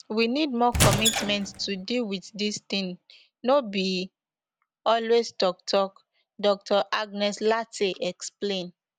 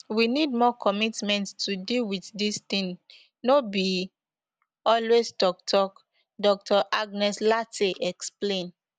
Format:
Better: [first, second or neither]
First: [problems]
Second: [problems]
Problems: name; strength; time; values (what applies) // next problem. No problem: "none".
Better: second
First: background sound (Squeak / Wood); 1 dB above the speech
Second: none